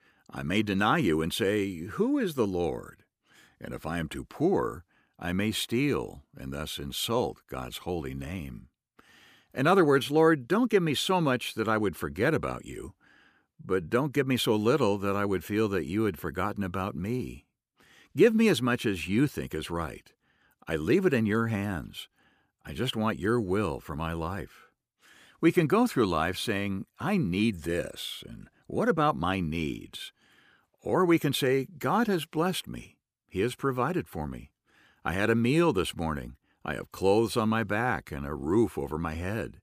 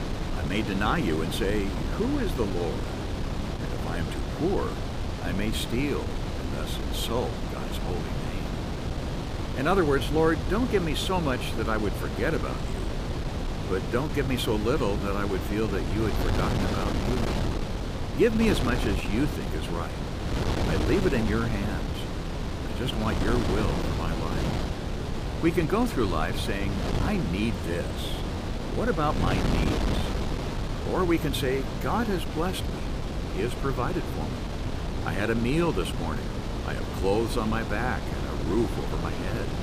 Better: first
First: none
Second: wind noise on the microphone; heavy; 5 dB below the speech

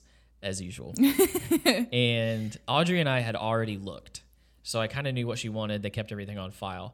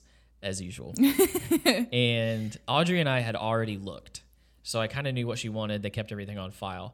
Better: neither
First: none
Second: none

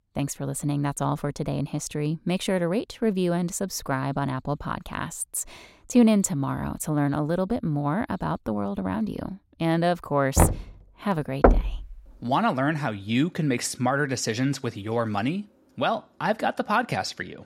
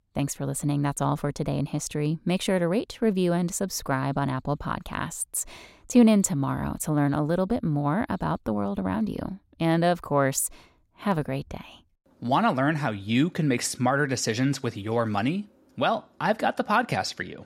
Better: second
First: door banging; loud; at 10 s and at 11 s; peak 5 dB above the speech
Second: none

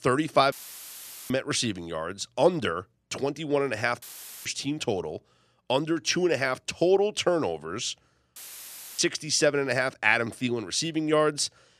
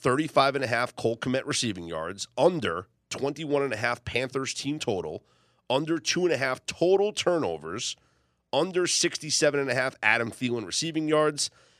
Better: second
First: audio cutting out; filled with static; at 0.5 s for 1 s, at 4 s and at 8.5 s for 0.5 s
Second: none

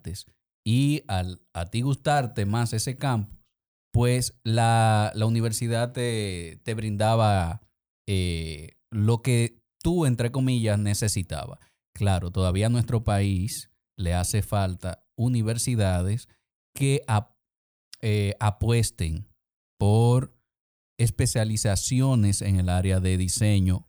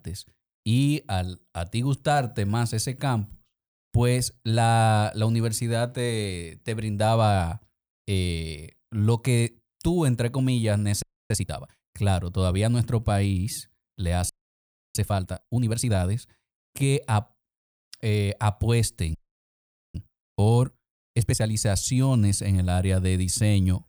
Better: first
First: none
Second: audio freezing; at 11 s, at 14 s for 0.5 s and at 19 s for 1 s

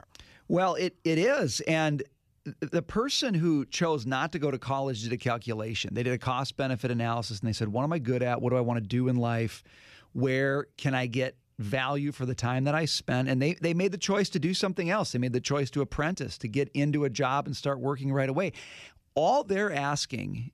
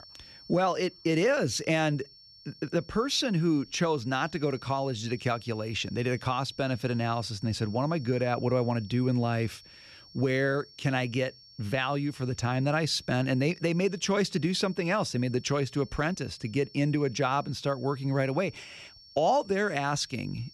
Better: first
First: none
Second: high-pitched whine; faint; throughout; 5.5 kHz, 20 dB below the speech

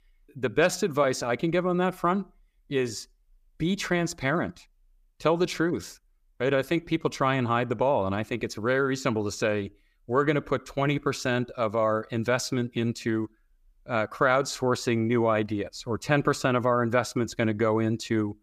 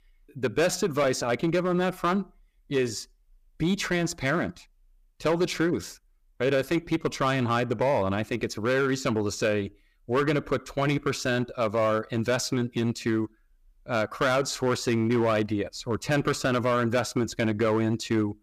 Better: first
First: none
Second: distortion; slight; 6% of the sound clipped

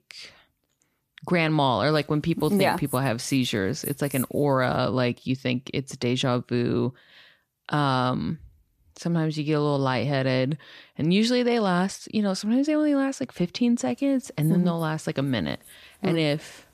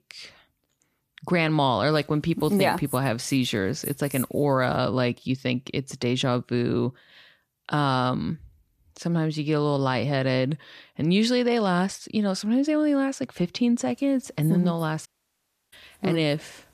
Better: first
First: none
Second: audio cutting out; at 15 s for 0.5 s

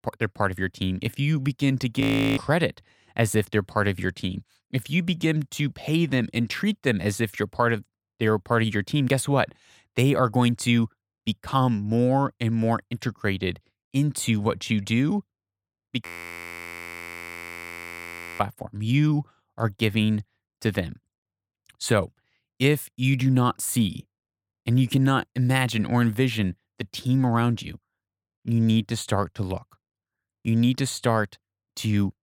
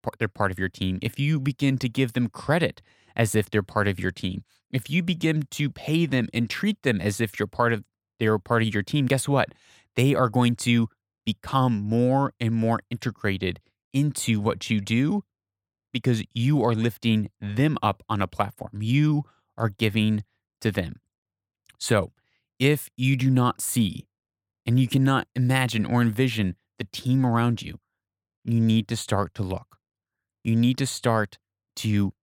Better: second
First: audio freezing; at 2 s and at 16 s for 2.5 s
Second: none

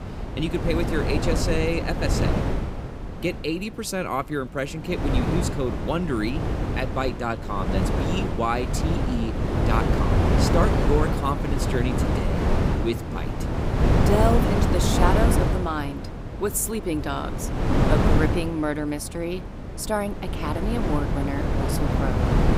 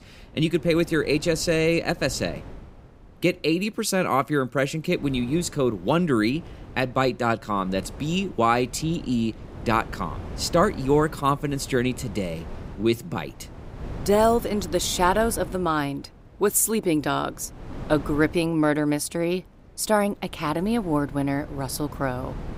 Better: second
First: wind noise on the microphone; heavy; 1 dB below the speech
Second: wind noise on the microphone; occasional gusts; 20 dB below the speech

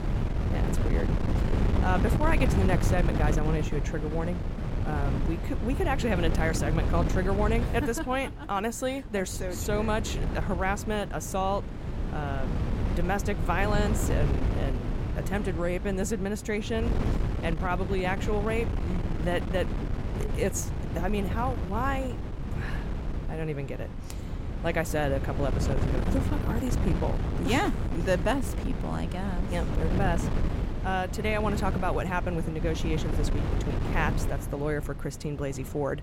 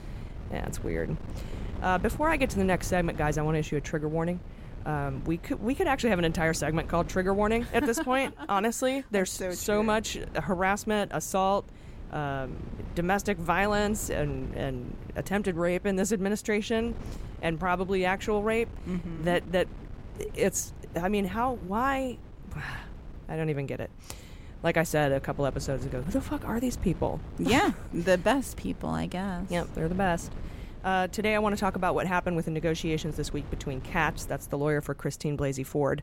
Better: second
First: wind noise on the microphone; heavy; 7 dB below the speech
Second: wind noise on the microphone; occasional gusts; 20 dB below the speech

